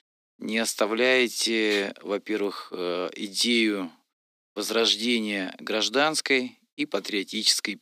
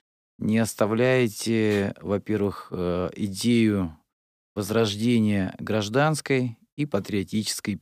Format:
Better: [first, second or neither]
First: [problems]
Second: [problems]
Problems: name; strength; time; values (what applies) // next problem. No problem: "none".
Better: second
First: thin; very slightly; fading below 250 Hz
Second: none